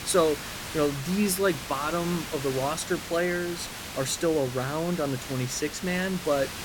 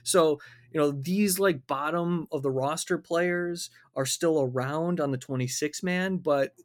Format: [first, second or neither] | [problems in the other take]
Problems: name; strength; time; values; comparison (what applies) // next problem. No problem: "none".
second | hiss; loud; throughout; 8 dB below the speech